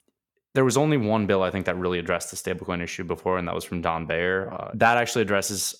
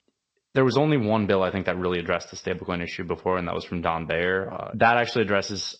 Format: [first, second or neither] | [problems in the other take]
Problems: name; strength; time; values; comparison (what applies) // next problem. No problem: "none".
first | garbled, watery; slightly